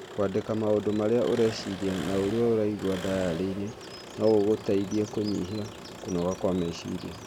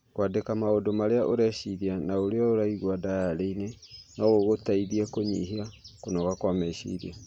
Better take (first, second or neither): second